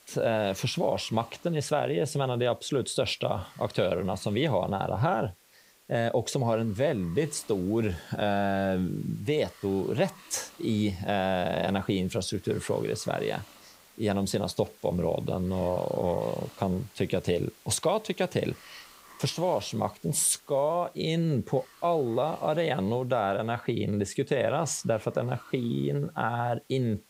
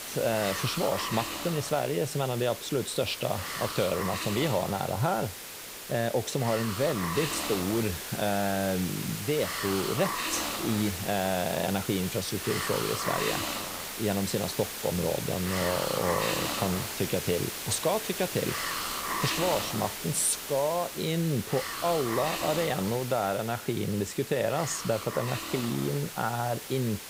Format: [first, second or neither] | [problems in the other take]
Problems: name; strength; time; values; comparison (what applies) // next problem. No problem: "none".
first | hiss; loud; throughout; 4 dB below the speech; faint in the first